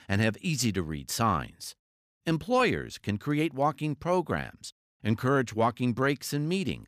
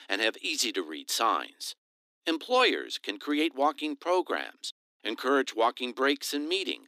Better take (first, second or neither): first